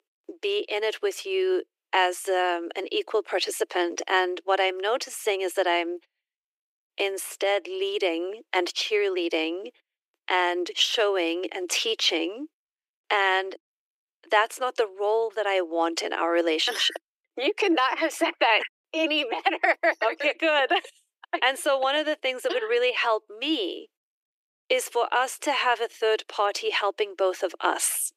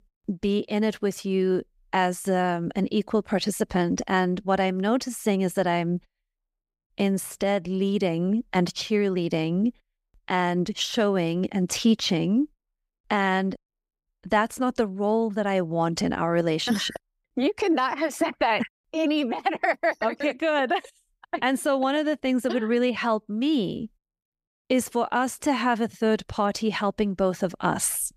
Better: second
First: thin; very; fading below 350 Hz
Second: none

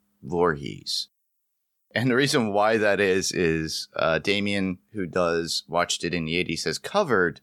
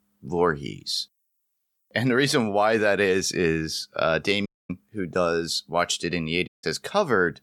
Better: first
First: none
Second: audio cutting out; at 4.5 s and at 6.5 s

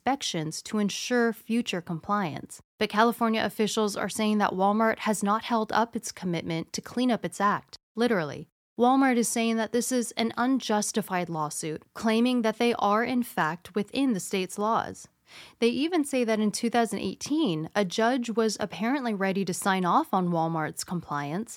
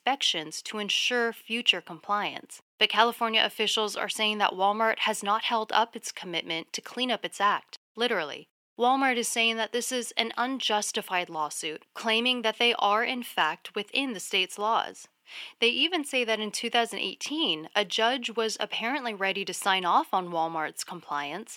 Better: first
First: none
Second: thin; somewhat; fading below 350 Hz

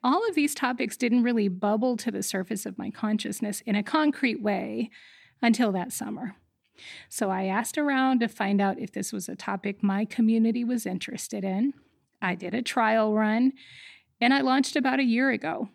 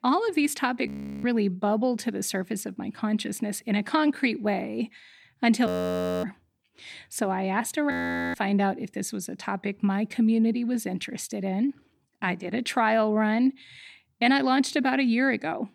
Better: first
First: none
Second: audio freezing; at 1 s, at 5.5 s for 0.5 s and at 8 s

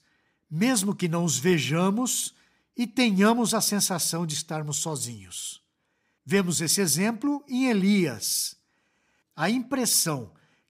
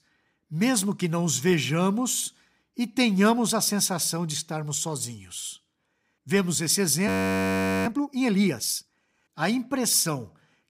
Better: first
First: none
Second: audio freezing; at 7 s for 1 s

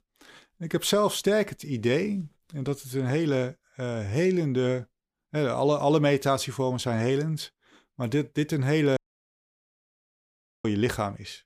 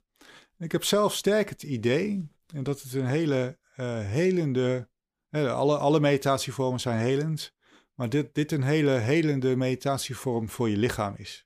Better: second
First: audio cutting out; at 9 s for 1.5 s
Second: none

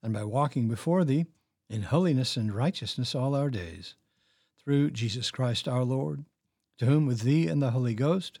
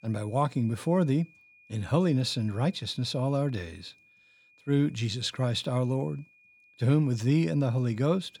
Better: first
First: none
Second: high-pitched whine; faint; throughout; 2.5 kHz, 30 dB below the speech

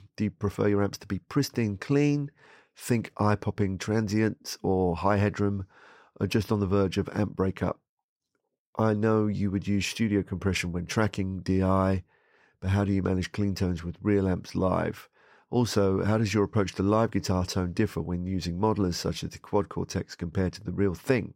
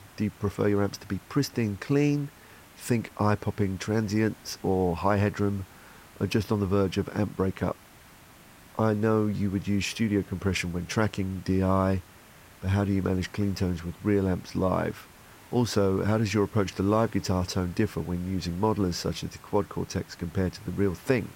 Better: first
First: none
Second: hiss; faint; throughout; 25 dB below the speech

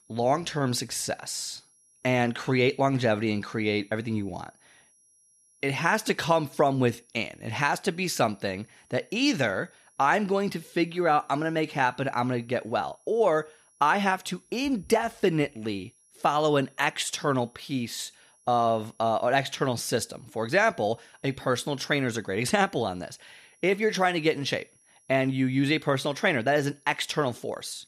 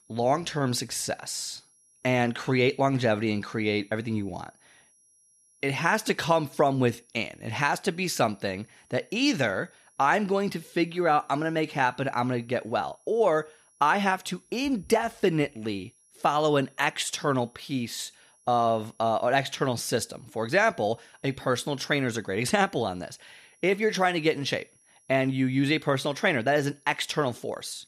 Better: neither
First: high-pitched whine; faint; throughout; 10.5 kHz, 35 dB below the speech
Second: high-pitched whine; faint; throughout; 10.5 kHz, 35 dB below the speech

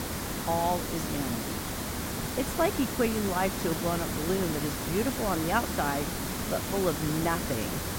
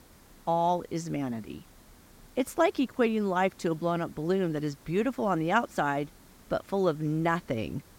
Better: second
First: hiss; loud; throughout; 1 dB below the speech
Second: hiss; faint; throughout; 25 dB below the speech

